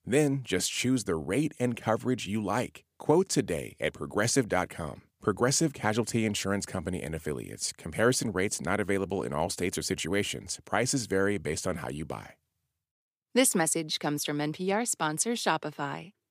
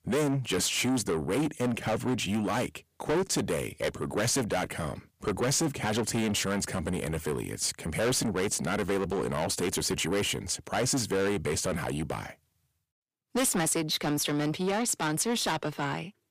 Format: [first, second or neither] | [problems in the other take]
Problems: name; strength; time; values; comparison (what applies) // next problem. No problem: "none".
first | distortion; heavy; 5 dB below the speech